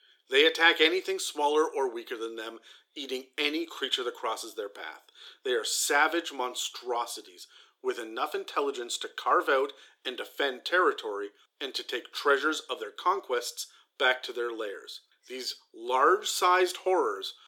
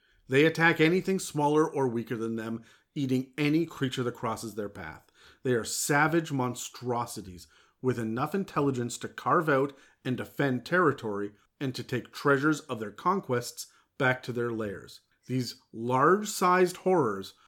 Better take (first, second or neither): second